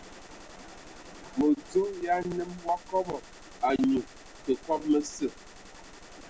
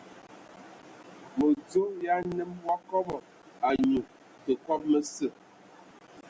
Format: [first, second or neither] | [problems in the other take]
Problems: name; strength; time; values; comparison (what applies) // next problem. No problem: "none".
second | background sound (Gunshot, gunfire); 19 dB below the speech